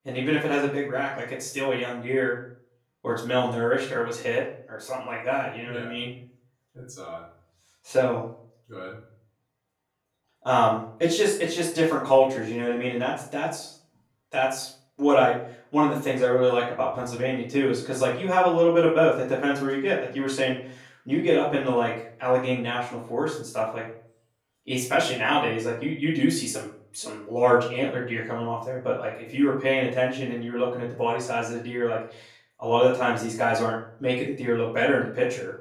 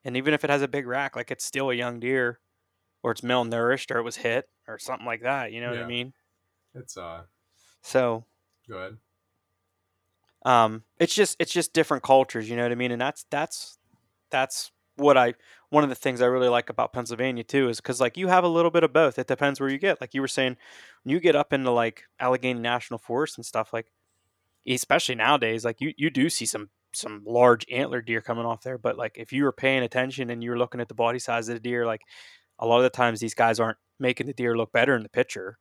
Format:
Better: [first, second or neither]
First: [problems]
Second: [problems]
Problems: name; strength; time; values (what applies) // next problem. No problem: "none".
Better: second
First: off-mic speech; far // room echo; noticeable; dies away in 0.4 s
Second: none